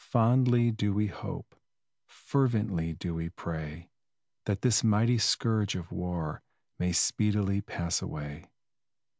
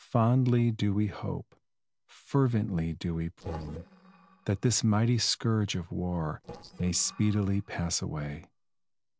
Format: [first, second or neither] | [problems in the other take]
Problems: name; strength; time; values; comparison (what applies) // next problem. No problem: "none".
first | noise reduction (neural separator model SepFormer DNS4)